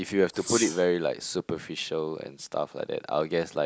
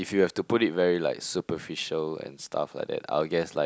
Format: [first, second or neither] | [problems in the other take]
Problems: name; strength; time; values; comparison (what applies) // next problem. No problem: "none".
second | noise reduction (neural mask model Resemble Enhance denoiser)